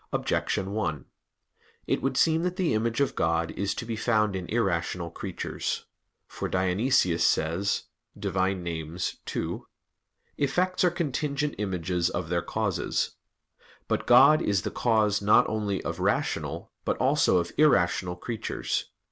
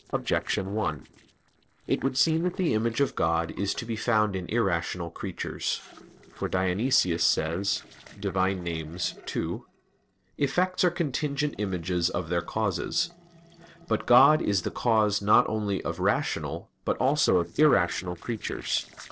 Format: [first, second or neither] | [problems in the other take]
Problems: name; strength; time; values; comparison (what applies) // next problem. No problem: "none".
first | noise reduction (neural separator model SepFormer DNS4)